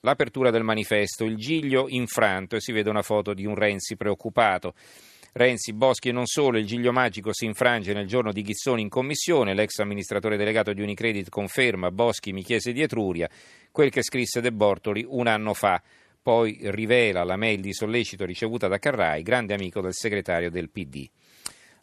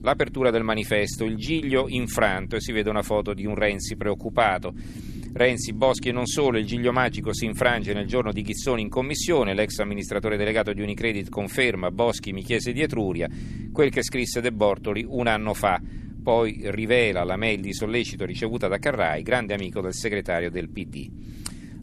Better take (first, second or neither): first